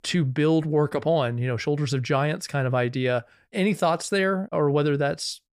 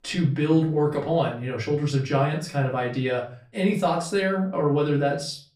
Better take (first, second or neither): first